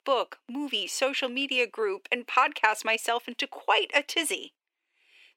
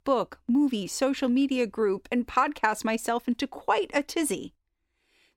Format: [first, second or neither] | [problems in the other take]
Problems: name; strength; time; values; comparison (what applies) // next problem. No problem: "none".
second | thin; somewhat; fading below 400 Hz